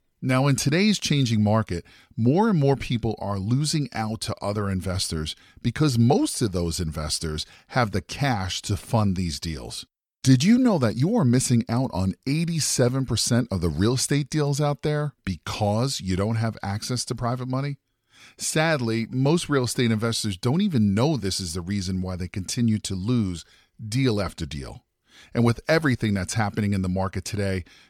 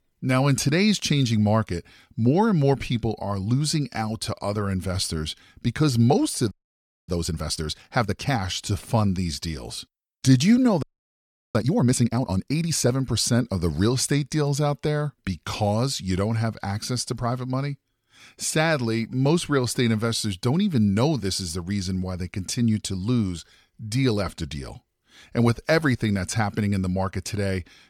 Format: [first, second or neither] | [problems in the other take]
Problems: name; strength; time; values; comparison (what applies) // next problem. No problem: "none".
first | audio freezing; at 6.5 s for 0.5 s and at 11 s for 0.5 s